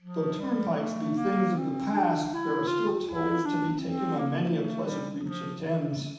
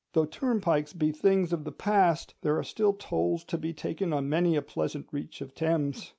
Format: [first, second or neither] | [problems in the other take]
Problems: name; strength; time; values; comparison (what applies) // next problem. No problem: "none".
second | background sound (Wind instrument, woodwind instrument); 2 dB below the speech // room echo; dies away in 1.1 s